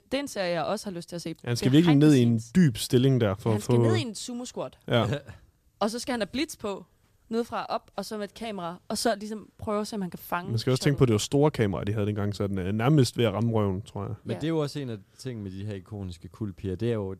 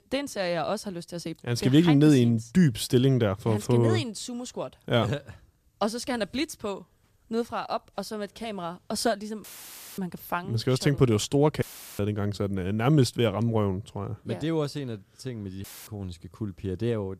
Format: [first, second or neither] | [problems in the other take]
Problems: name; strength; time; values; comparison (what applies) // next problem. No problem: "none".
first | audio cutting out; filled with static; at 9.5 s for 0.5 s, at 12 s and at 16 s